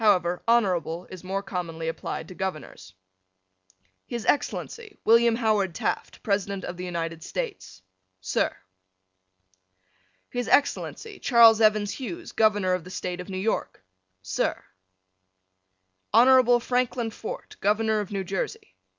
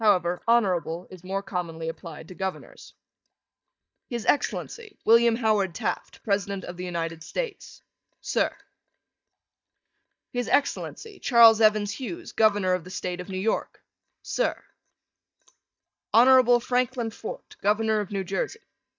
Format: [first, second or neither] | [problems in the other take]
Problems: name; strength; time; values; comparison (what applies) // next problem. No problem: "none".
first | noise reduction (neural mask model DeepFilterNet 3)